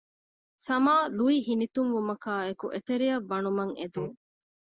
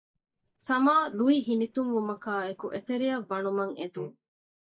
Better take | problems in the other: first | noise reduction (neural mask model DeepFilterNet 3)

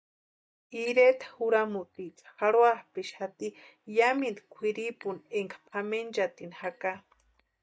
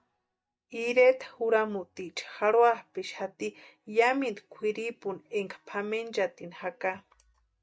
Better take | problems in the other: second | noise reduction (neural mask model DeepFilterNet 3)

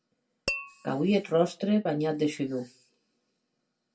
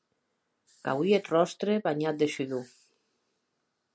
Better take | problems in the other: second | background sound (Tap / Glass); 10 dB below the speech // room echo; dies away in 0.1 s

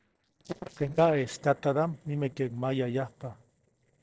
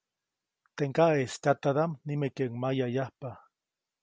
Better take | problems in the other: second | noise reduction (neural separator model SepFormer DNS4)

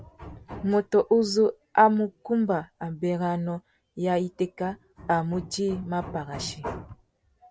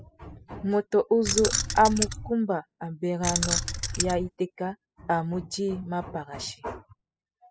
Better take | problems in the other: first | noise reduction (classical method spectral subtraction)

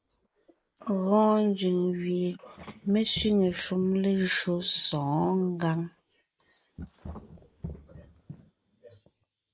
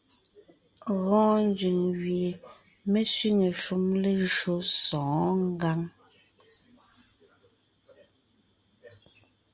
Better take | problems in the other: second | noise reduction (neural mask model Resemble Enhance denoiser)

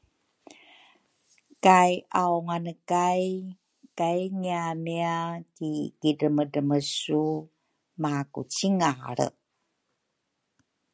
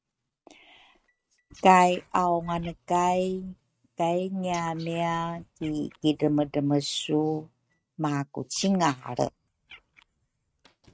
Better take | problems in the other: first | noise reduction (neural mask model RNNoise)

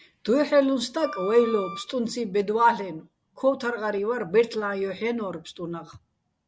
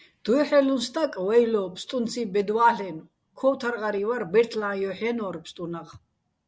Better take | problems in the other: second | background sound (Wind instrument, woodwind instrument); 13 dB below the speech

